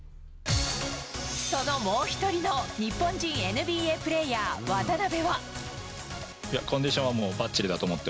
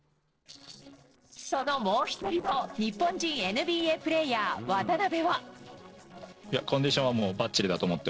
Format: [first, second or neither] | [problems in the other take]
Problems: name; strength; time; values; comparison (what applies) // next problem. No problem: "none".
first | noise reduction (neural separator model SepFormer DNS4)